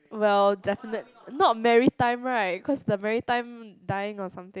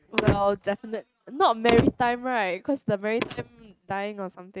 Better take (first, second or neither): first